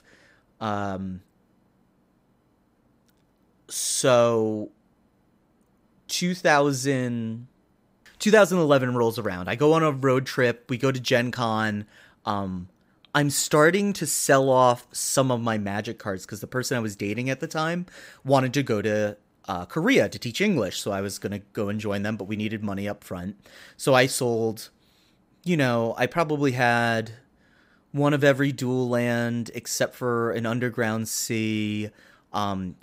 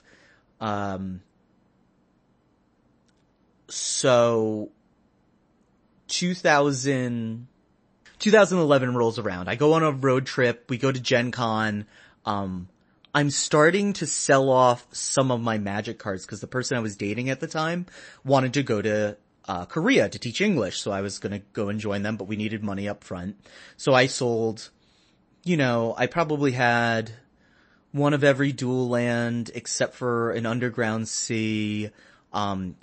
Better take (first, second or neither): first